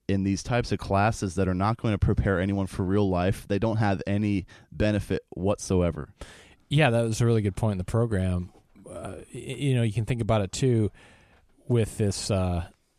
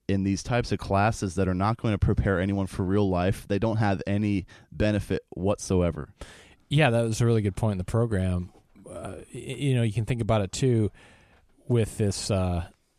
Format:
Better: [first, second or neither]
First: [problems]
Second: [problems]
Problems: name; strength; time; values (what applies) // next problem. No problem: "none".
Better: neither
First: none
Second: none